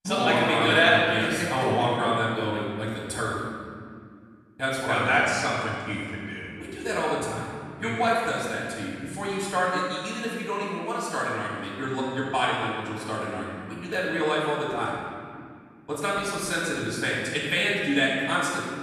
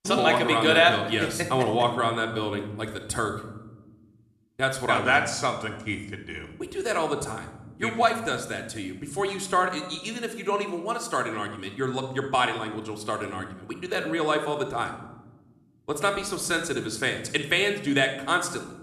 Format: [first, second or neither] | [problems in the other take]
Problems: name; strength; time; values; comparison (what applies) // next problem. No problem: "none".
second | room echo; strong; dies away in 2.1 s; slight in the second // off-mic speech; far